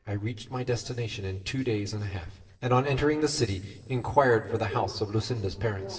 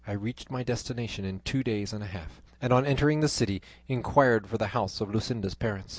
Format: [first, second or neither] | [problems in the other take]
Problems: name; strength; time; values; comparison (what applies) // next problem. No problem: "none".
second | noise reduction (neural separator model SepFormer DNS4)